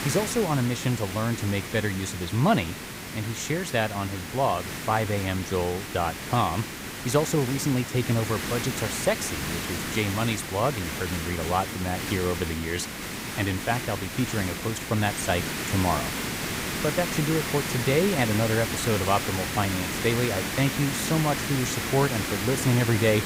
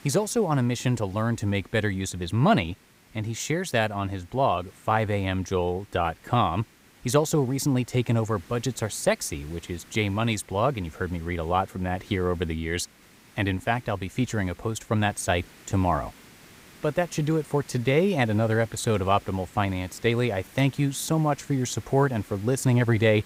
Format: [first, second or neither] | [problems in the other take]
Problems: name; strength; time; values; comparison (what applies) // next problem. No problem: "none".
second | hiss; loud; throughout; 4 dB below the speech; faint in the second